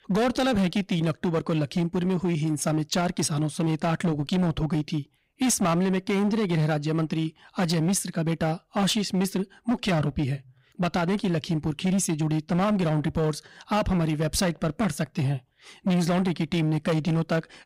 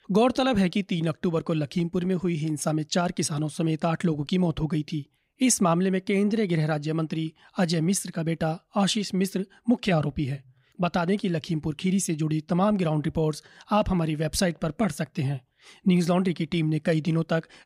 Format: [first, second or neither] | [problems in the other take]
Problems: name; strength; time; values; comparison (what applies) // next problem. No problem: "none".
second | distortion; slight; 16% of the sound clipped